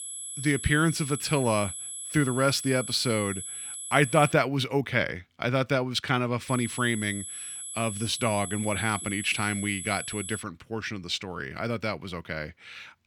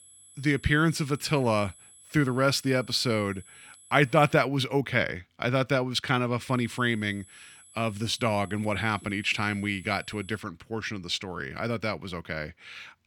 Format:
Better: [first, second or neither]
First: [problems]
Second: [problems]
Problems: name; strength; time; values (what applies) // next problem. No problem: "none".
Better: second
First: high-pitched whine; loud; until 4.5 s and from 6.5 to 10 s; 11 kHz, 7 dB below the speech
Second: high-pitched whine; faint; until 4.5 s and from 6.5 to 10 s; 11 kHz, 25 dB below the speech